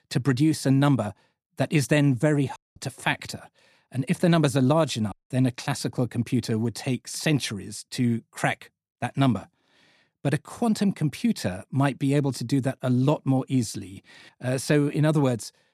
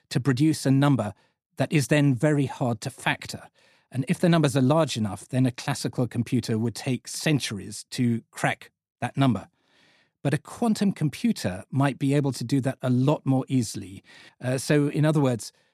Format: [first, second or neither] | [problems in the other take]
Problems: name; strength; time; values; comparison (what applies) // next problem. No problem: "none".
second | audio cutting out; at 2.5 s and at 5 s